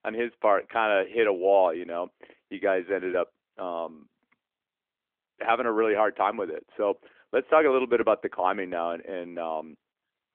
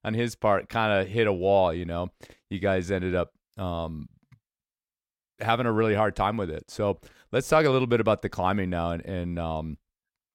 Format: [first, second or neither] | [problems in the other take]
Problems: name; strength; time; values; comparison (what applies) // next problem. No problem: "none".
second | phone-call audio; nothing above 3.5 kHz